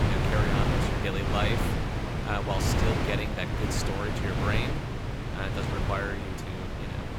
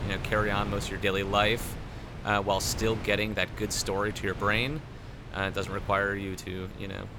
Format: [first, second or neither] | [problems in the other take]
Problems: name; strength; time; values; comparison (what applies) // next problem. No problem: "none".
second | wind noise on the microphone; heavy; as loud as the speech; occasional gusts in the second